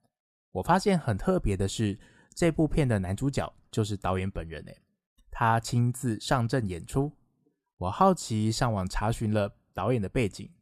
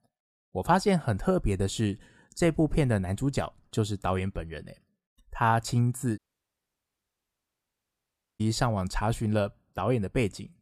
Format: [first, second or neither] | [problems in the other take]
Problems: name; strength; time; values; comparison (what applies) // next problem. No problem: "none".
first | audio cutting out; at 6 s for 2 s